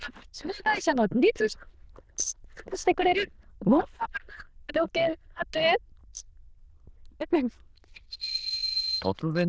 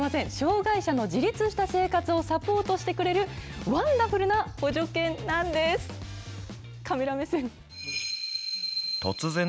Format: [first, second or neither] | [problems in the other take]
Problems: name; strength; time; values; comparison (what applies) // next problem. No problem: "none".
second | noise reduction (neural diffusion model UNIVERSE++)